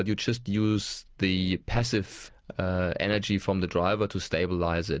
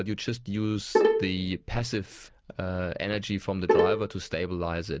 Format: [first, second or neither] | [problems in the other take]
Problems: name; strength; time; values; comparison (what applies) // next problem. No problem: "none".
first | background sound (Bowed string instrument); 5 dB above the speech